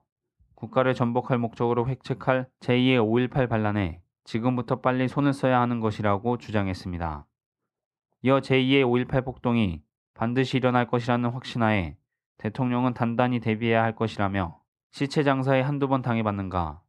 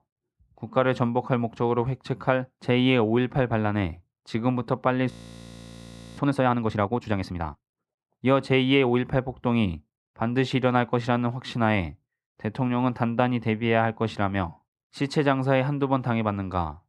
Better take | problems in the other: first | audio freezing; at 5 s for 1 s

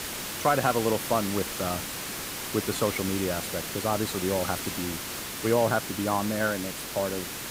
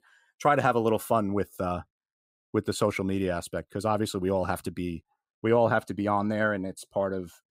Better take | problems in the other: second | hiss; loud; throughout; 4 dB below the speech

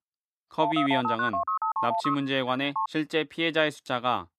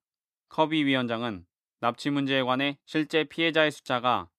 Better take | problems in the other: second | phone ringing; loud; from 0.5 to 3 s; peak 1 dB above the speech

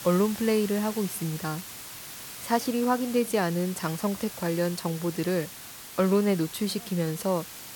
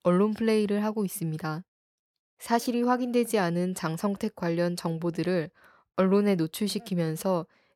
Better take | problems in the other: second | hiss; noticeable; throughout; 10 dB below the speech

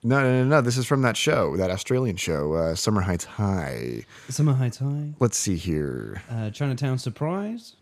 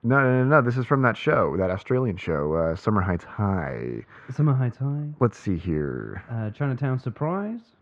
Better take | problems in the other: first | muffled; very; fading above 1.5 kHz

